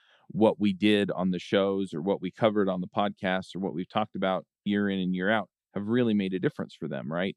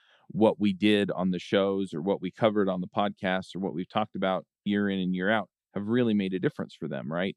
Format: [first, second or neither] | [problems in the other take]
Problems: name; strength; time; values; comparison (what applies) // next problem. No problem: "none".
neither | none